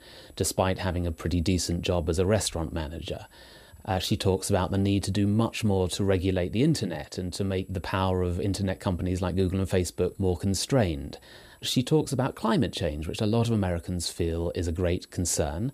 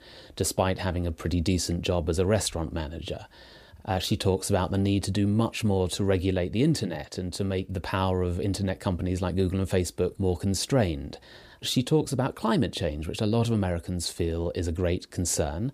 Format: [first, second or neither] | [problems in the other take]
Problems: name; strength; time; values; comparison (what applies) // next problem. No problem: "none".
second | high-pitched whine; faint; throughout; 10 kHz, 35 dB below the speech